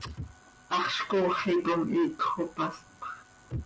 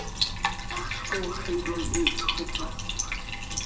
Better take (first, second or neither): first